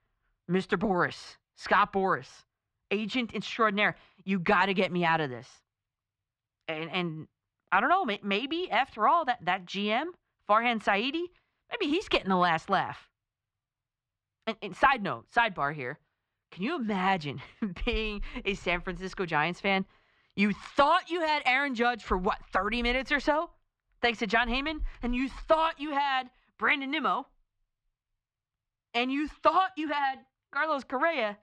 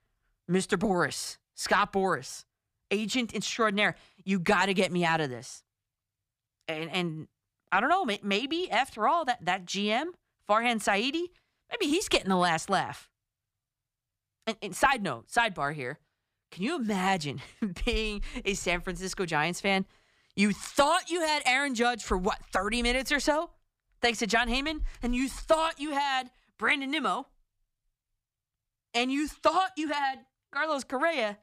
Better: second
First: muffled; slightly; fading above 3 kHz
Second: none

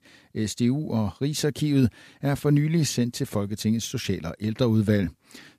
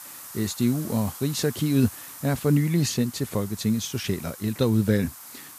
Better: first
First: none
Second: hiss; noticeable; throughout; 15 dB below the speech

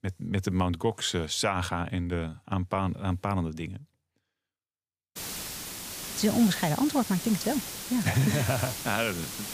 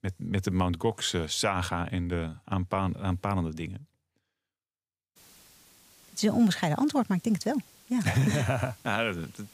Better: second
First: hiss; loud; from 5 s on; 7 dB below the speech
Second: hiss; faint; from 5 s on; 25 dB below the speech

